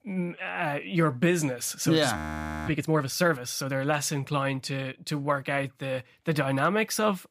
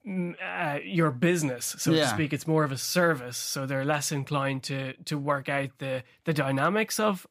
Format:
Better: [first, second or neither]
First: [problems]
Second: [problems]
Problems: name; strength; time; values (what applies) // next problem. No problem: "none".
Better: second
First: audio freezing; at 2 s for 0.5 s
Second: none